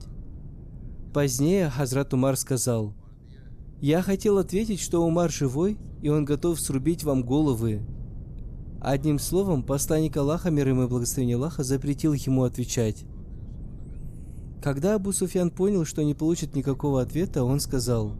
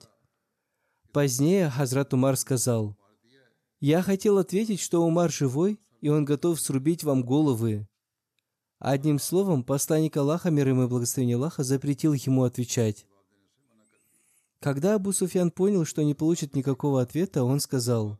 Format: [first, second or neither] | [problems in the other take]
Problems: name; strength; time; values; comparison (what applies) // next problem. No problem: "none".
second | low rumble; faint; throughout; 25 dB below the speech